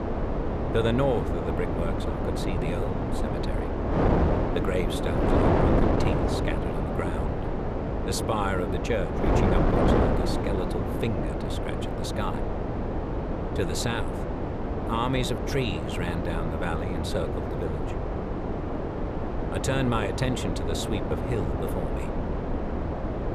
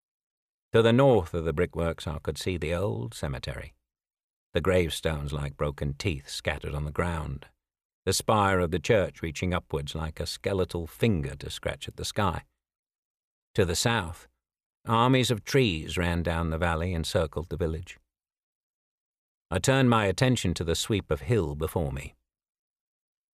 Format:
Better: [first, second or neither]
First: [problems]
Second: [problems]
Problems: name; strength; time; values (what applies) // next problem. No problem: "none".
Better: second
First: wind noise on the microphone; heavy; 2 dB above the speech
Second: none